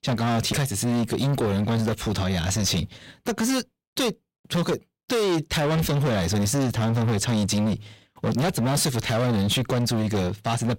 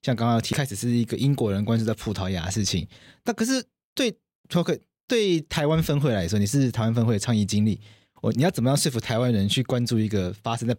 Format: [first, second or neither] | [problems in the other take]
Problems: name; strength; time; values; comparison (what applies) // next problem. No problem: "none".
second | distortion; heavy; 29% of the sound clipped